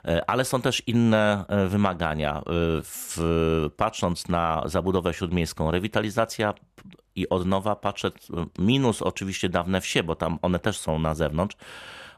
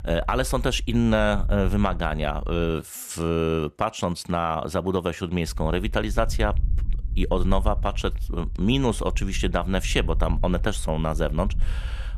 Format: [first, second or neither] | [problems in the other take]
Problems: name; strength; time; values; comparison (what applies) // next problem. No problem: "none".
first | low rumble; faint; until 2.5 s and from 5.5 s on; 25 dB below the speech